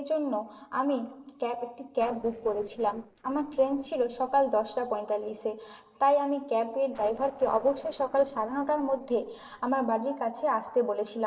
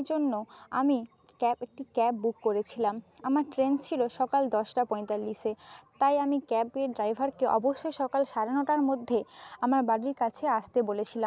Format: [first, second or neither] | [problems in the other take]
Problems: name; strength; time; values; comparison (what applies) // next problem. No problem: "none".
second | noise reduction (neural separator model SepFormer DNS4)